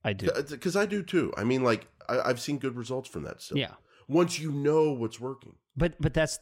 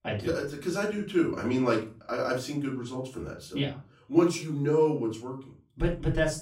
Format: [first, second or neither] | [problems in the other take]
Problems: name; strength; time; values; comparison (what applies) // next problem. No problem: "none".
first | off-mic speech; far // room echo; slight; dies away in 0.3 s